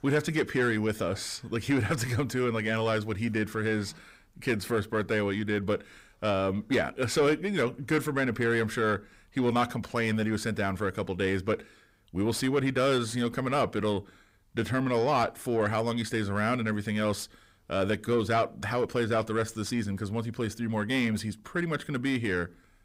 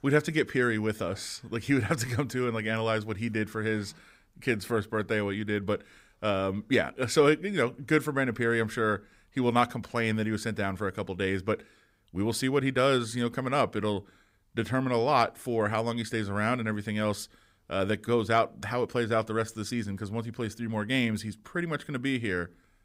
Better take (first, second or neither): second